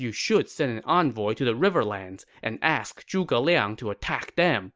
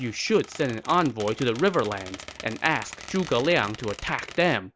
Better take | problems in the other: first | background sound (Squeak); 16 dB below the speech

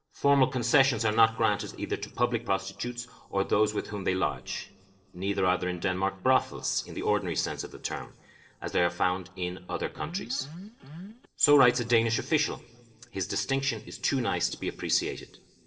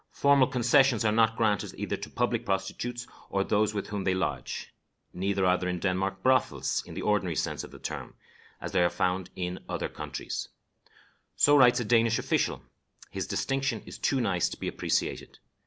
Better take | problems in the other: second | noise reduction (neural separator model SepFormer DNS4)

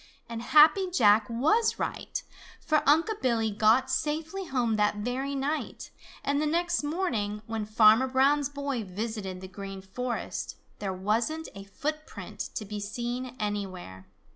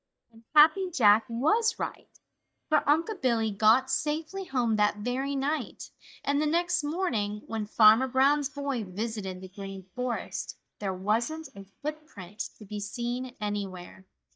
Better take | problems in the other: first | noise reduction (neural mask model DeepFilterNet 3)

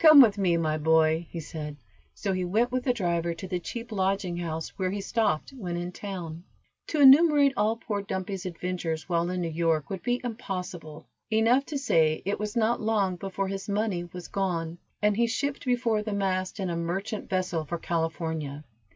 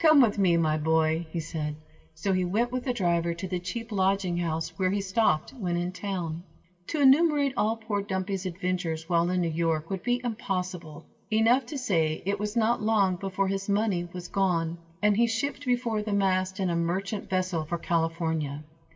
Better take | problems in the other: first | room echo; dies away in 0.3 s

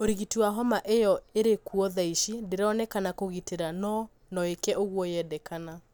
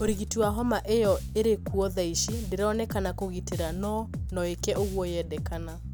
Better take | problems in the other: first | background sound (Bass guitar); 6 dB below the speech

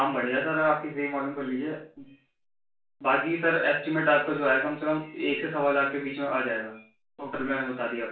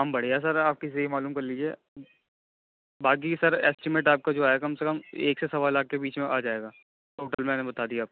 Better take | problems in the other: second | room echo; dies away in 0.3 s

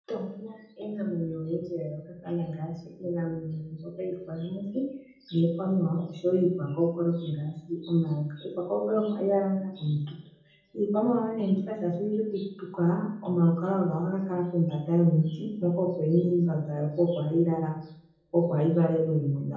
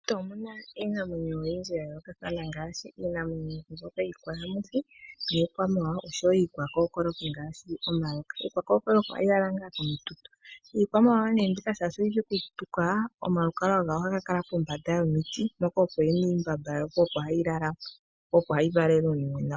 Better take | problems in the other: second | room echo; dies away in 0.7 s

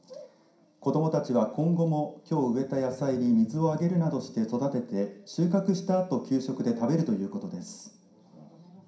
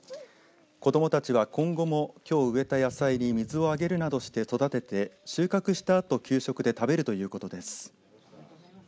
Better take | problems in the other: second | room echo; dies away in 0.5 s

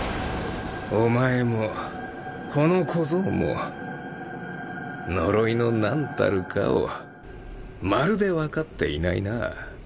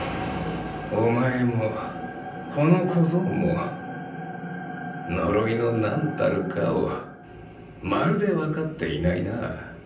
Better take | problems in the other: first | room echo; dies away in 0.6 s

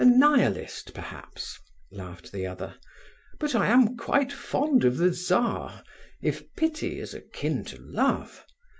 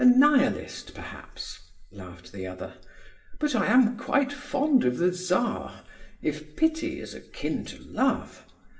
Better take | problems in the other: first | room echo; dies away in 0.8 s

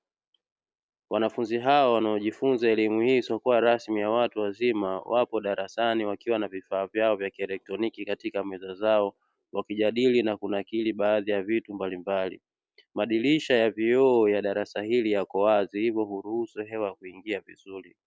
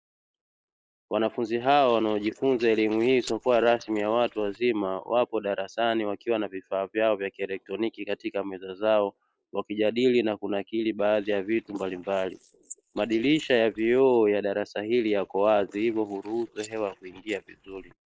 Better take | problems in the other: first | noise reduction (neural mask model Resemble Enhance denoiser)

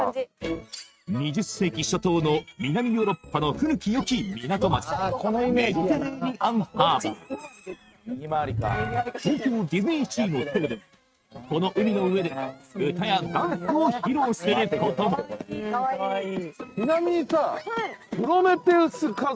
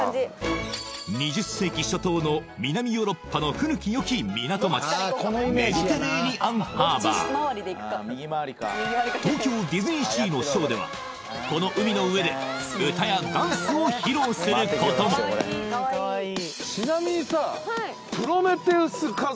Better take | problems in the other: second | noise reduction (neural mask model RNNoise)

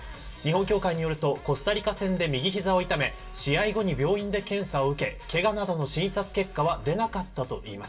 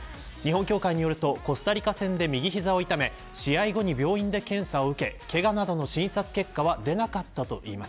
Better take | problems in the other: second | room echo; dies away in 0.2 s

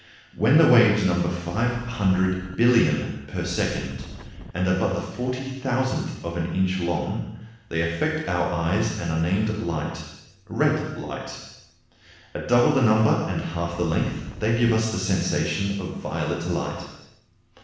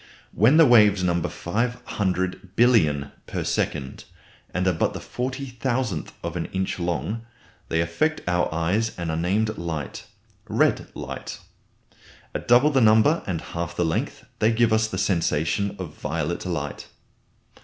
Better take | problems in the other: second | background sound (Wind); 14 dB below the speech // room echo; dies away in 0.9 s

